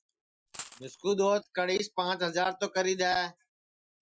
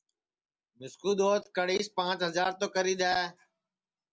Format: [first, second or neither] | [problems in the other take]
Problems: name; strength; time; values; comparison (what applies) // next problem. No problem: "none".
second | noise reduction (classical method Wiener filter)